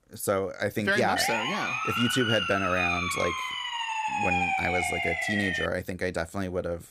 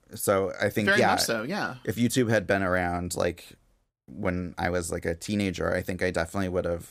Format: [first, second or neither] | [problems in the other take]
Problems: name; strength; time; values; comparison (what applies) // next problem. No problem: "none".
second | siren; loud; from 1 to 5.5 s; peak 4 dB above the speech